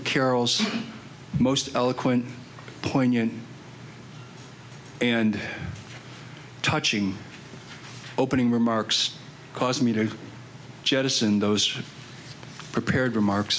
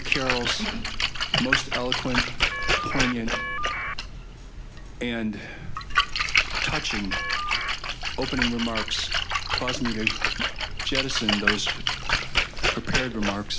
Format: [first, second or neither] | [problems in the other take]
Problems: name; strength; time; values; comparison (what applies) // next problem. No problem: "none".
first | background sound (Telephone + Splash, splatter); 5 dB above the speech